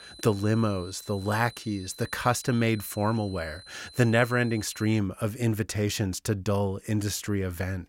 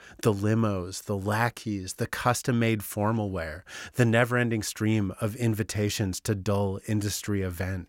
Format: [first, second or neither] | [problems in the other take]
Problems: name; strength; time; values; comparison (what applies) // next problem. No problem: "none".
second | high-pitched whine; noticeable; until 5 s; 4 kHz, 20 dB below the speech